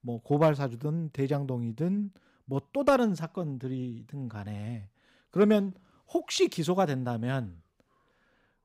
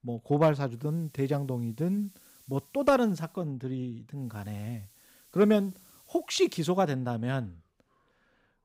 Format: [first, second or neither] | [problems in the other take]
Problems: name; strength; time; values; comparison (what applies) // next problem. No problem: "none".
first | hiss; faint; from 1 to 3.5 s and from 4 to 6.5 s; 25 dB below the speech